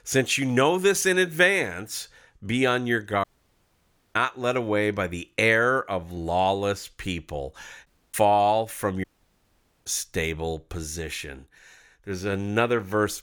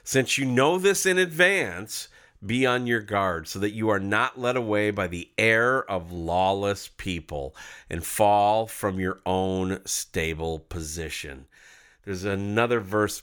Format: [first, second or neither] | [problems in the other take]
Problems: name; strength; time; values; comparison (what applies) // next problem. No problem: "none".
second | audio cutting out; at 3 s for 1 s, at 8 s and at 9 s for 1 s